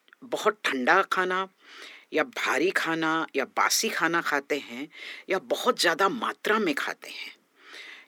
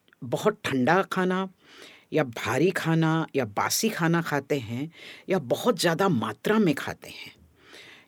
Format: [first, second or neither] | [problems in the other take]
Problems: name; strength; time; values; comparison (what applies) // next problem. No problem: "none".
second | thin; somewhat; fading below 250 Hz